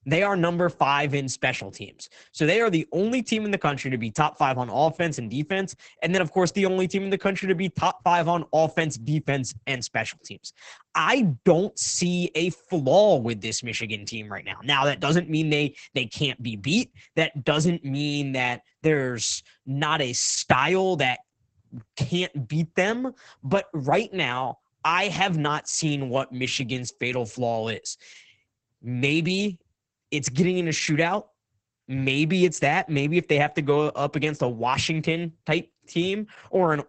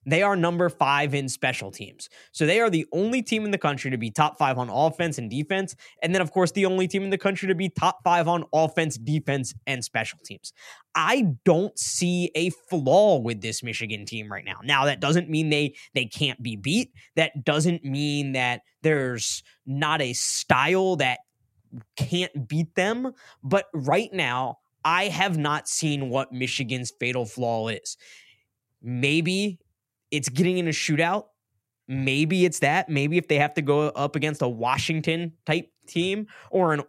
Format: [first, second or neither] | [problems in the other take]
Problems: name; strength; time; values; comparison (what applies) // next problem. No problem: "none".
second | garbled, watery; badly; nothing above 8 kHz